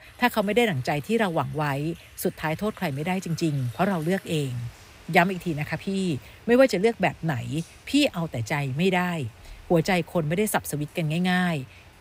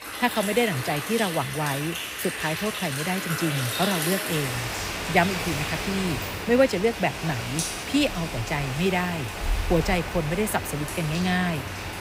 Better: first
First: rain or running water; faint; throughout; 25 dB below the speech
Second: rain or running water; loud; throughout; 4 dB below the speech

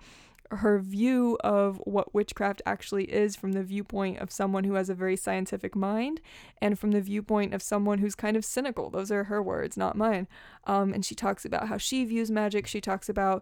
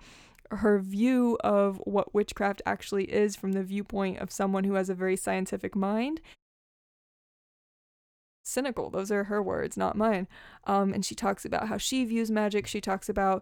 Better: first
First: none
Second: audio cutting out; at 6.5 s for 2 s

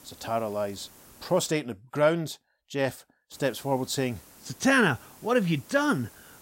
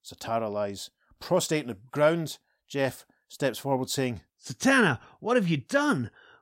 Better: second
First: hiss; faint; until 1.5 s and from 3.5 s on; 25 dB below the speech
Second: none

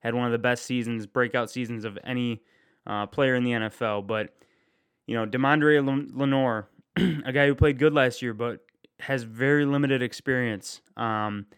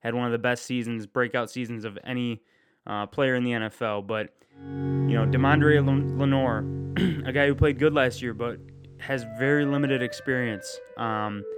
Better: first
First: none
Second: background music; loud; from 4.5 s on; 4 dB below the speech

